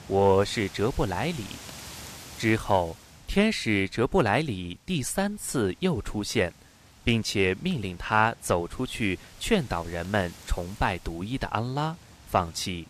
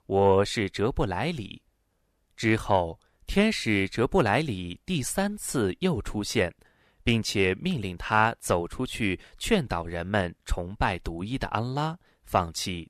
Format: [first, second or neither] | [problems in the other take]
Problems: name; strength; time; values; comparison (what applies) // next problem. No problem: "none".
second | wind noise on the microphone; occasional gusts; 20 dB below the speech